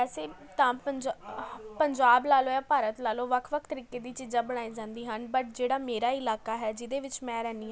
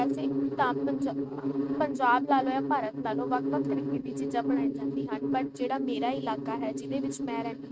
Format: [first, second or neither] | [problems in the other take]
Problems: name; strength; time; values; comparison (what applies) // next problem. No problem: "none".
first | noise reduction (neural mask model RNNoise)